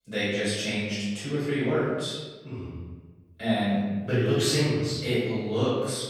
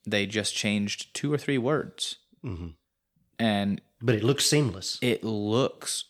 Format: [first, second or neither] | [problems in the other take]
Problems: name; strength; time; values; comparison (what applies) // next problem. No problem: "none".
second | room echo; strong; dies away in 1.2 s // off-mic speech; far